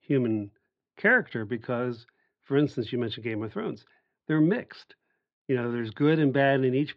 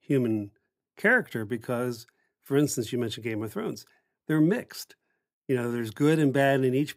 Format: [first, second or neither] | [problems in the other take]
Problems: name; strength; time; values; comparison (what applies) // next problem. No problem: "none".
second | muffled; slightly; fading above 4 kHz